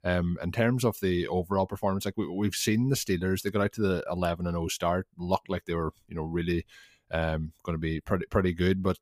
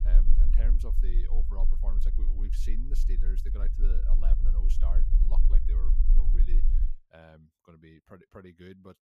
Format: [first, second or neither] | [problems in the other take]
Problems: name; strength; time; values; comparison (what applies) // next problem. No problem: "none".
first | low rumble; loud; until 7 s; 3 dB below the speech